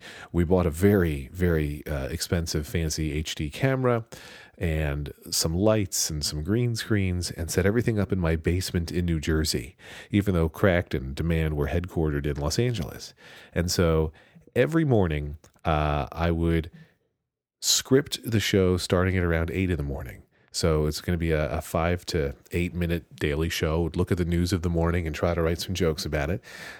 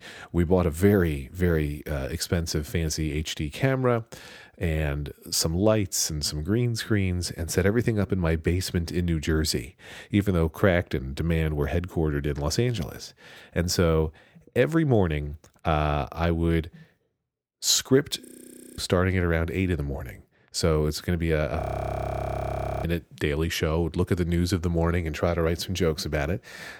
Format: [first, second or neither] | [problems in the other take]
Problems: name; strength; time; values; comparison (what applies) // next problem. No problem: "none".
first | audio freezing; at 18 s for 0.5 s and at 22 s for 1 s